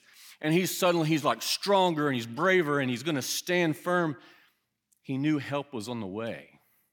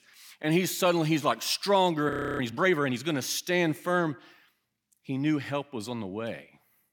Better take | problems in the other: first | audio freezing; at 2 s

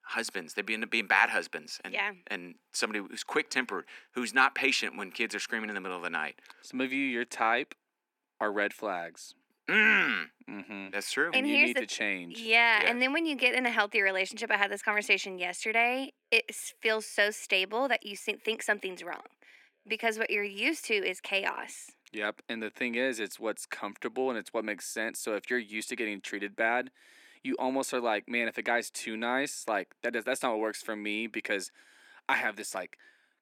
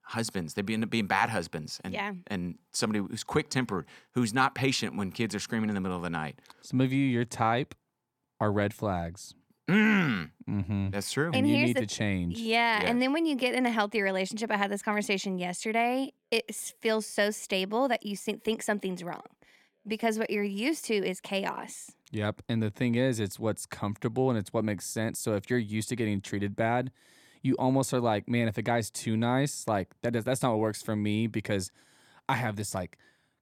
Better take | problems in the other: second | thin; somewhat; fading below 250 Hz

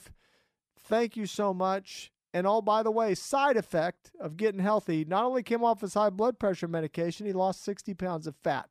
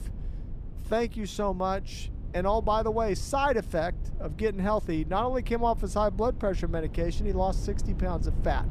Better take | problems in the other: first | low rumble; faint; throughout; 20 dB below the speech

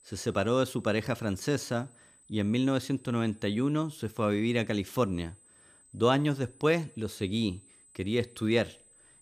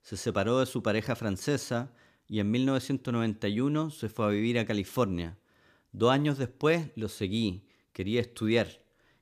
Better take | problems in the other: second | high-pitched whine; faint; throughout; 8 kHz, 25 dB below the speech

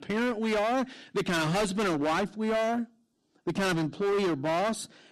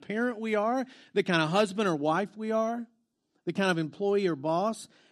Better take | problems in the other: second | distortion; heavy; 25% of the sound clipped

